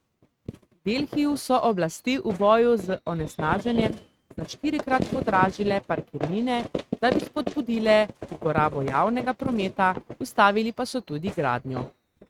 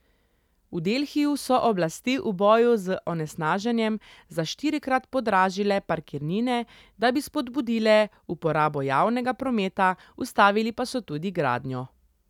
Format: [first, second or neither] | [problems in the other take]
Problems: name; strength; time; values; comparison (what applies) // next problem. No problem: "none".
second | noise reduction (neural mask model RNNoise)